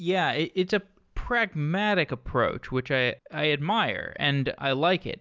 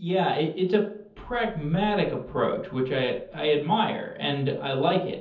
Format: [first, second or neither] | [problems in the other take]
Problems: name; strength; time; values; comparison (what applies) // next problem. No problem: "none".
first | room echo; dies away in 0.7 s